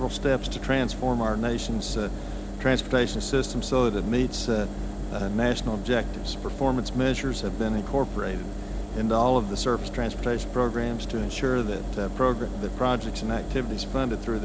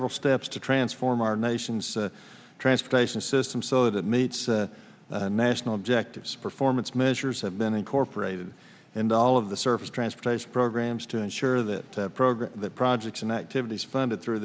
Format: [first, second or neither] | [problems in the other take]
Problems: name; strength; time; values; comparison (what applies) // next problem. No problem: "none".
second | background sound (Engine); 5 dB below the speech